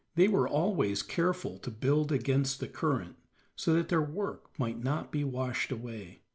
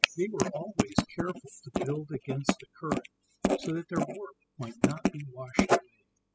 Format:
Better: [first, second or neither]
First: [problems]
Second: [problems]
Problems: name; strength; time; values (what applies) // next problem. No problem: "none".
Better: first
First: none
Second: noise reduction (classical method spectral subtraction)